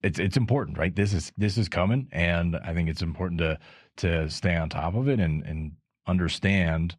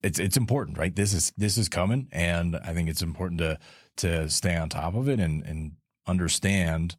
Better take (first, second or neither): second